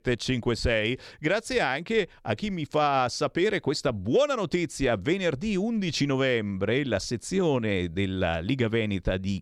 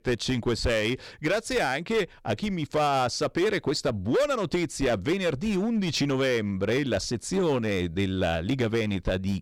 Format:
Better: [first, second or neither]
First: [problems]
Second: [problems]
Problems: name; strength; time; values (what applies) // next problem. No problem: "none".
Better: first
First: none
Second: distortion; slight; 9% of the sound clipped